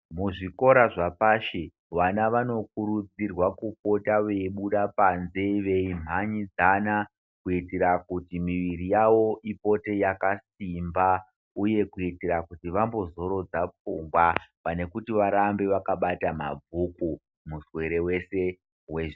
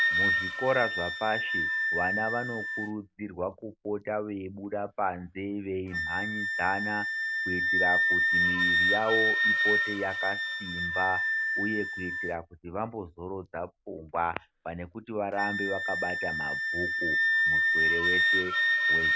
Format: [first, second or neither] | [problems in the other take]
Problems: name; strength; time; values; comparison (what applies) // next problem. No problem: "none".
first | background sound (Wind instrument, woodwind instrument); 5 dB above the speech